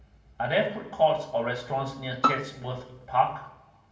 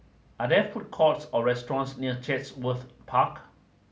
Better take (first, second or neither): second